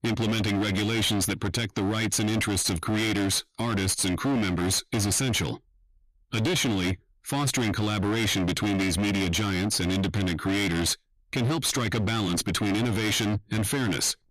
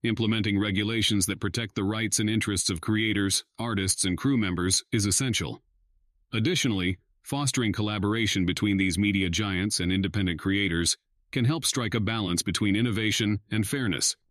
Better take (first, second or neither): second